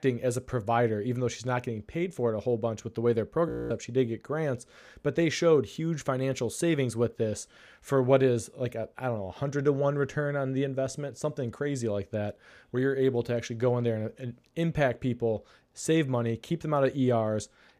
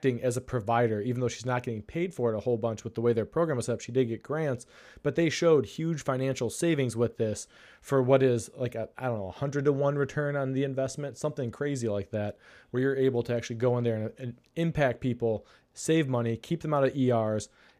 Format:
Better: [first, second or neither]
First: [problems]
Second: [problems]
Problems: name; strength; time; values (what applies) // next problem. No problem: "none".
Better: second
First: audio freezing; at 3.5 s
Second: none